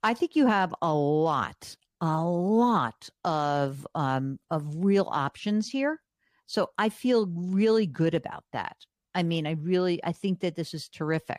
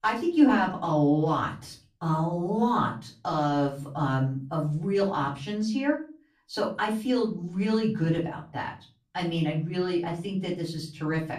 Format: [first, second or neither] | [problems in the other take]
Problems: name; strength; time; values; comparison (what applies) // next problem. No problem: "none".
first | off-mic speech; far // room echo; slight; dies away in 0.3 s